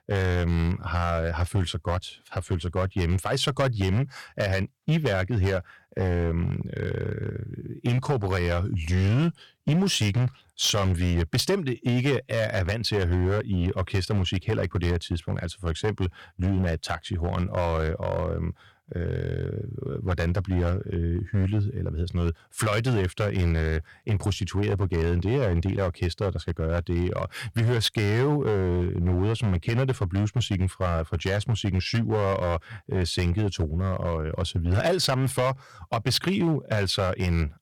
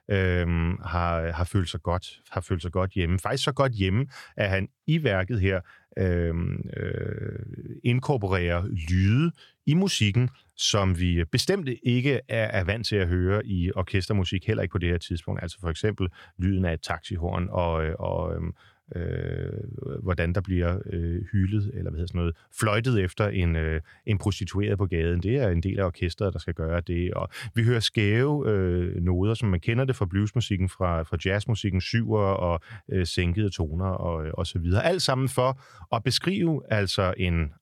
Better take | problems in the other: second | distortion; slight; 8% of the sound clipped

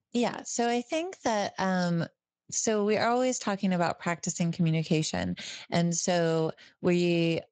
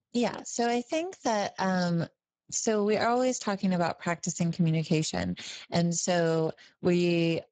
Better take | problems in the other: first | garbled, watery; badly; nothing above 7.5 kHz; slightly in the first

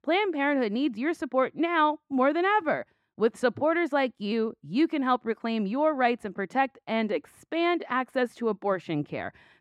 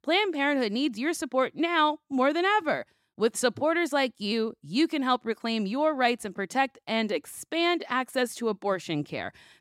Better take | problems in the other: second | muffled; slightly; fading above 3.5 kHz

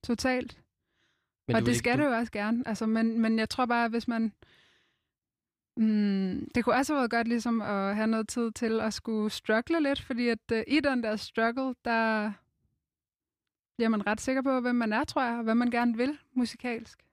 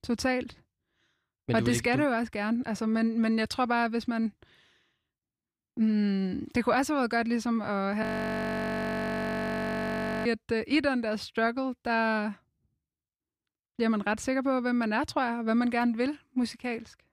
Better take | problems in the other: first | audio freezing; at 8 s for 2 s

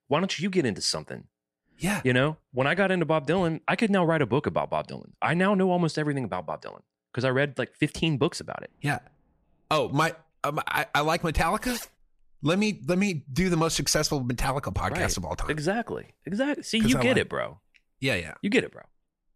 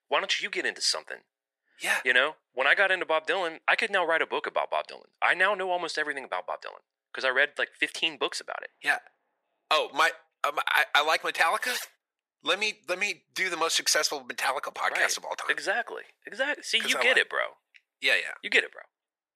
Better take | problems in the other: first | thin; very; fading below 500 Hz

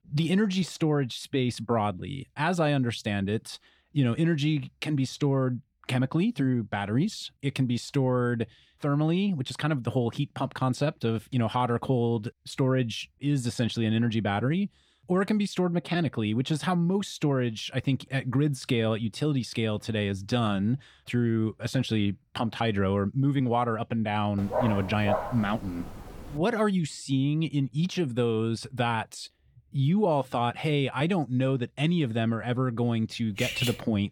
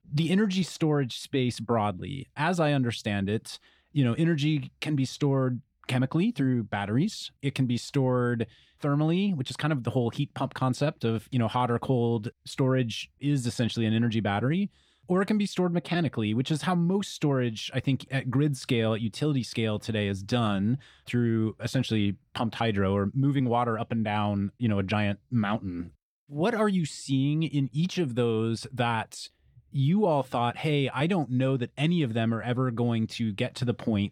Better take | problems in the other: second | dog barking; noticeable; from 24 to 26 s; peak 2 dB below the speech // clattering dishes; noticeable; at 33 s; peak 2 dB below the speech

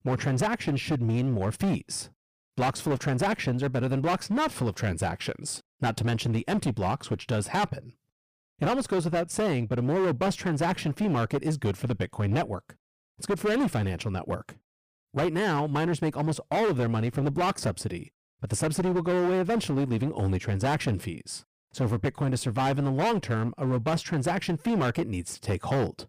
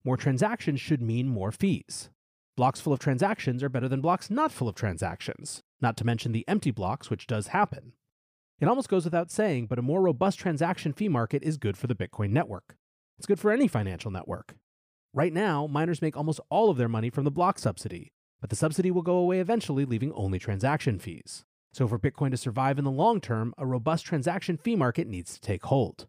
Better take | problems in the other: second | distortion; heavy; 17% of the sound clipped

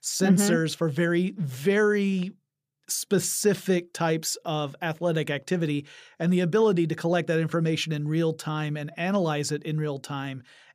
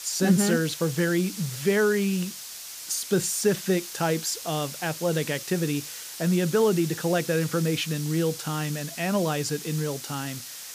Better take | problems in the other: first | hiss; loud; throughout; 10 dB below the speech

